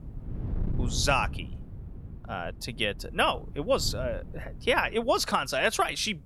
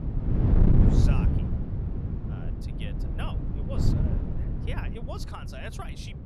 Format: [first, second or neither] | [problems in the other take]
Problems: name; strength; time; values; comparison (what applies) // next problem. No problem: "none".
first | wind noise on the microphone; heavy; 4 dB above the speech; occasional gusts in the first